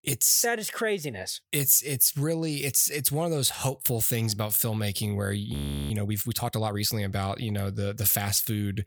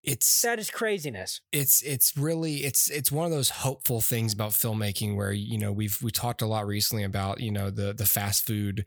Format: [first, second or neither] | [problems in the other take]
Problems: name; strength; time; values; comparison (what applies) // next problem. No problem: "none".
second | audio freezing; at 5.5 s